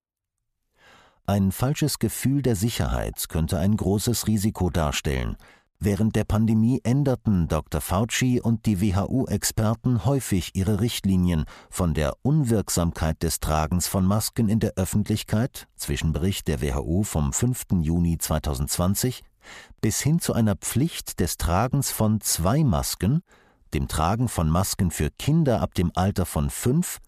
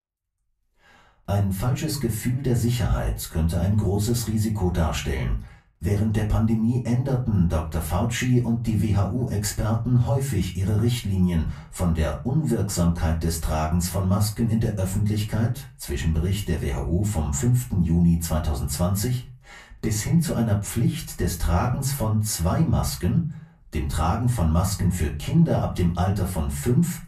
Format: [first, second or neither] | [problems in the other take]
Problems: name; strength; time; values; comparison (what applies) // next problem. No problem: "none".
first | off-mic speech; far // room echo; very slight; dies away in 0.3 s